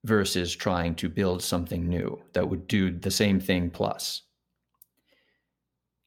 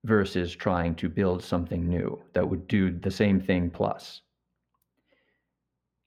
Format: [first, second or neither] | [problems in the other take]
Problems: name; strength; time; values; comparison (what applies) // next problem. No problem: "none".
first | muffled; slightly; fading above 4 kHz